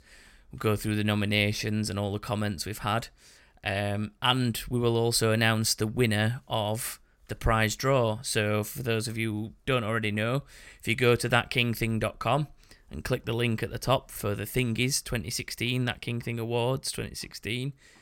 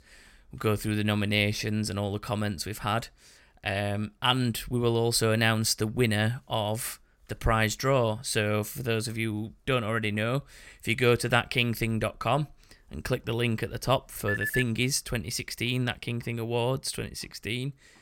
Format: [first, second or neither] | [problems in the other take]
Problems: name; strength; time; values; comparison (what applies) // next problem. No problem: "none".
first | phone ringing; noticeable; at 14 s; peak 1 dB below the speech